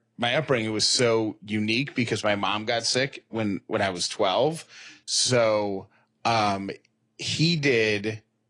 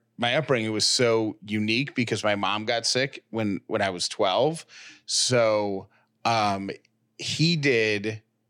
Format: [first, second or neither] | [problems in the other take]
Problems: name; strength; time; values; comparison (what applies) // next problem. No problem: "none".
second | garbled, watery; slightly